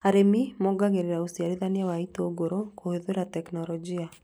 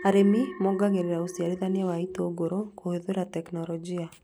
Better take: first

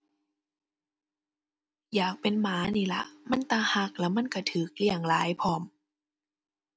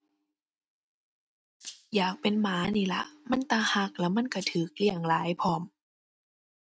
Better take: first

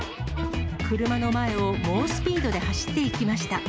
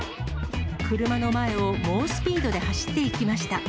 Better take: second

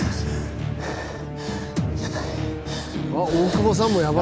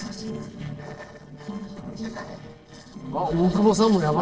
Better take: first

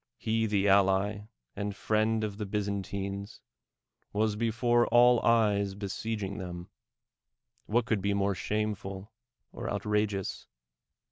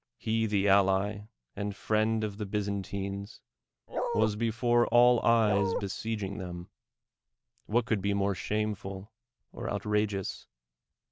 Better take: first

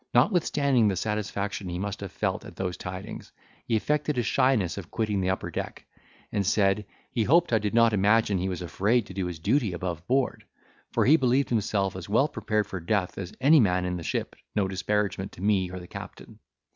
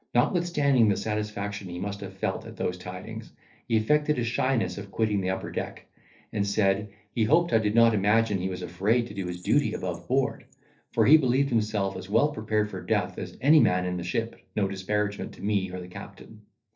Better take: first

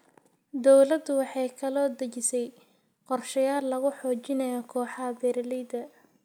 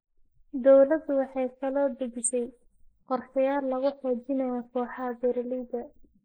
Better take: first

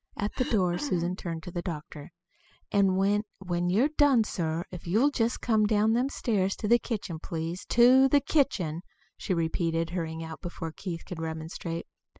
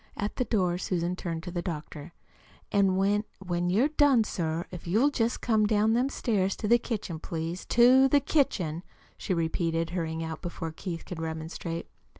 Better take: second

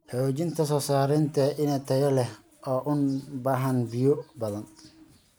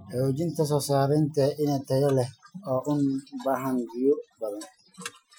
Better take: first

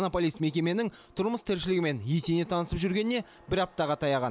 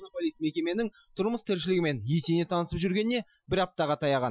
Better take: first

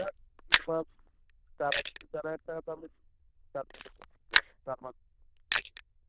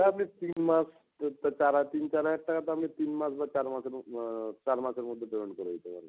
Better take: second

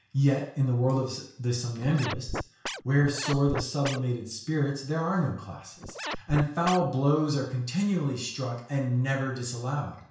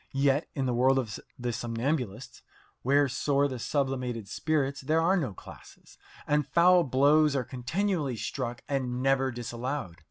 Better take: second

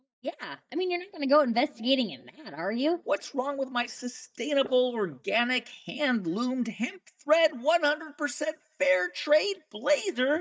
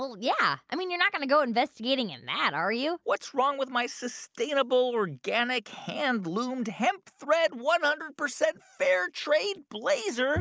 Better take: second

